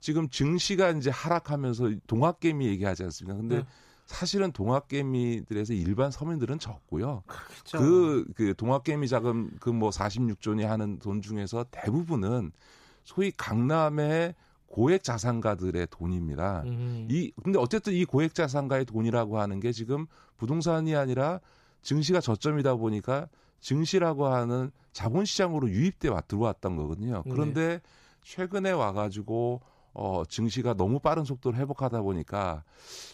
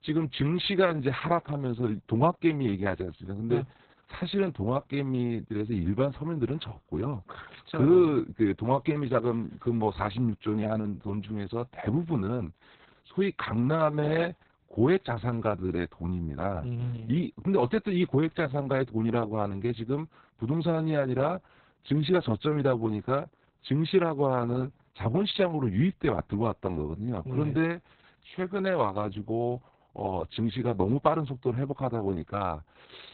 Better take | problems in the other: first | garbled, watery; badly; nothing above 4 kHz

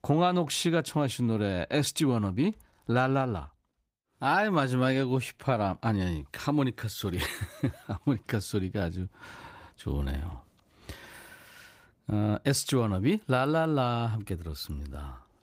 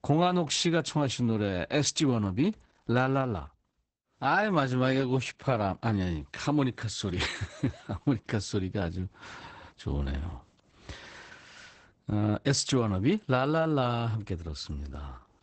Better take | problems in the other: first | garbled, watery; badly; nothing above 8 kHz; slightly in the first

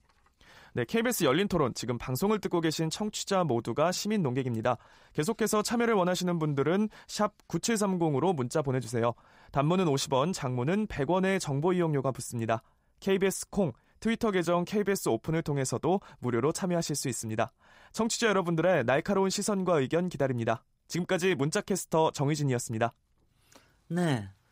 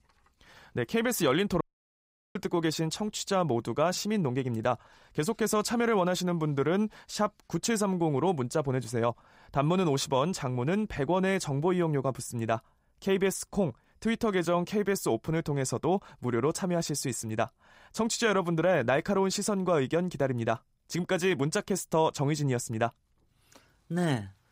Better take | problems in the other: first | audio cutting out; at 1.5 s for 0.5 s

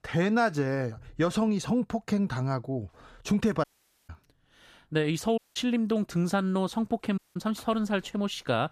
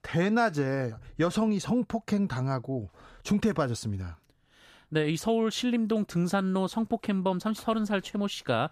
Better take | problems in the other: second | audio cutting out; at 3.5 s, at 5.5 s and at 7 s

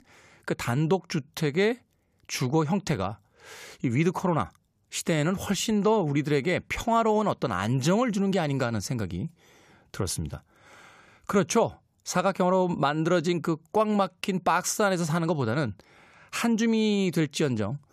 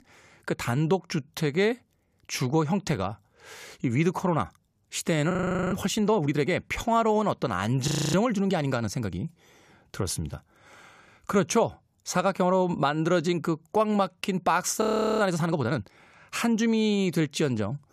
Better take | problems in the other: first | audio freezing; at 5.5 s, at 8 s and at 15 s

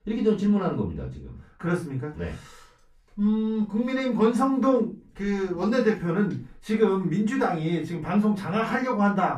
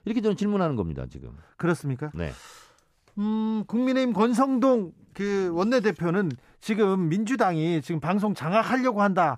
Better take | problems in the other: second | off-mic speech; far // room echo; very slight; dies away in 0.2 s

